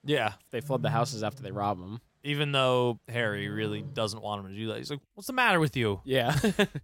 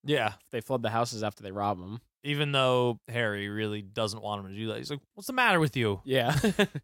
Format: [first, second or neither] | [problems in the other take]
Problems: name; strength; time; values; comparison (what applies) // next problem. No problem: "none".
second | animal sounds; noticeable; throughout; 10 dB below the speech